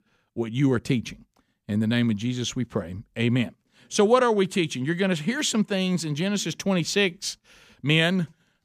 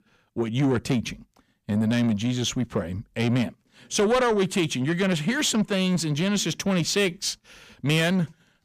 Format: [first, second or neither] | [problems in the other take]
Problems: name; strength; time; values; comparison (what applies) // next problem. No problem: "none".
first | distortion; slight; 10 dB below the speech